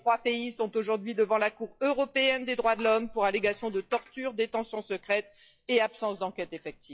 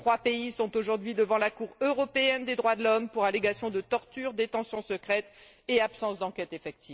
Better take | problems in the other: second | noise reduction (classical method log-MMSE)

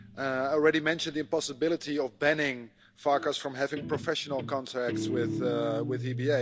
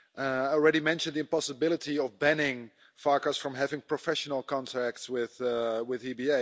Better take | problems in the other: second | background sound (Guitar); 9 dB below the speech

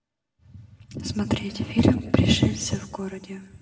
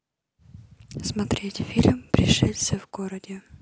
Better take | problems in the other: second | room echo; dies away in 1.4 s

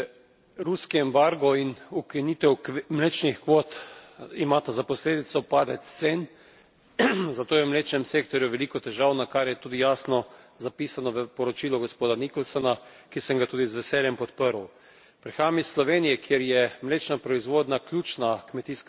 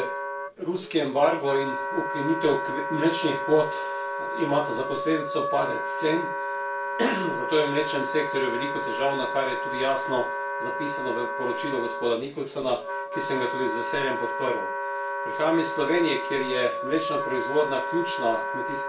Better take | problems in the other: first | background sound (Wind instrument, woodwind instrument); 3 dB below the speech // room echo; dies away in 0.3 s

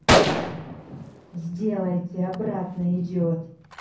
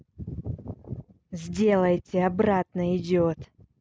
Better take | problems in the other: second | background sound (Gunshot, gunfire); 1 dB above the speech // room echo; dies away in 0.6 s

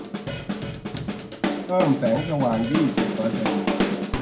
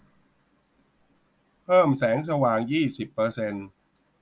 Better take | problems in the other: second | background sound (Drum kit); 1 dB below the speech // room echo; dies away in 0.2 s

